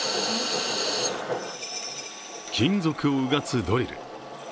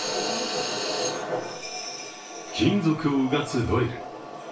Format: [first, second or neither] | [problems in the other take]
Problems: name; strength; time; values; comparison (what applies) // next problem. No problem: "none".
first | room echo; dies away in 0.3 s